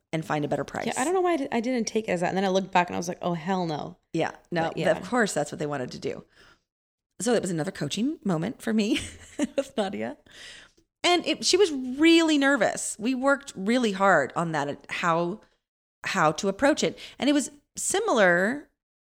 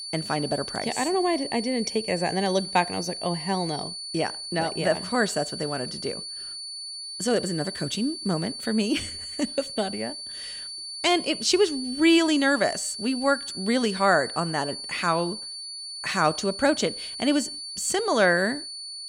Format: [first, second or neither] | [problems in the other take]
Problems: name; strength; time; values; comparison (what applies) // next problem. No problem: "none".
first | high-pitched whine; loud; throughout; 4.5 kHz, 8 dB below the speech